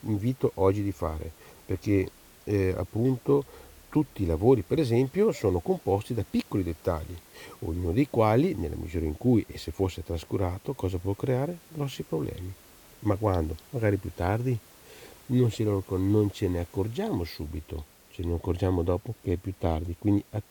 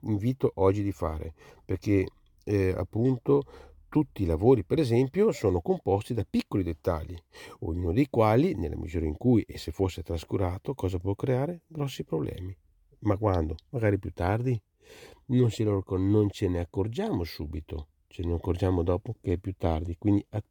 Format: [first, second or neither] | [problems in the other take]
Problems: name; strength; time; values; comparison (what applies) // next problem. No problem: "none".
second | hiss; faint; throughout; 25 dB below the speech